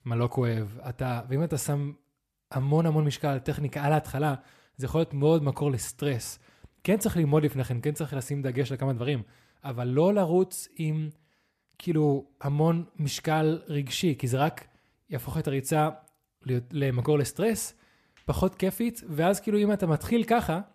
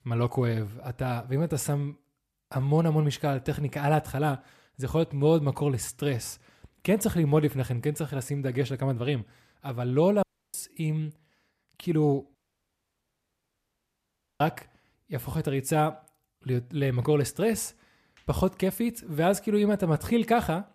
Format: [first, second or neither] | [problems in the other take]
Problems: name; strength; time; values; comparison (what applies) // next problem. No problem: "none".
first | audio cutting out; at 10 s and at 12 s for 2 s